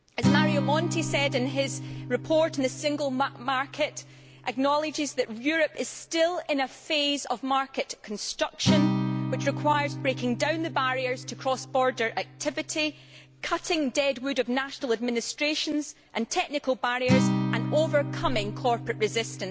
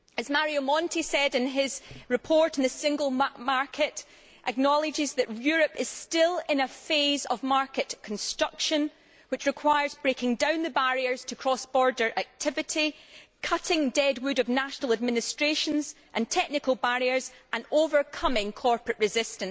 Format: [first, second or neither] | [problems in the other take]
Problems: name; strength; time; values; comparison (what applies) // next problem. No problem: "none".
second | background sound (Acoustic guitar); 5 dB below the speech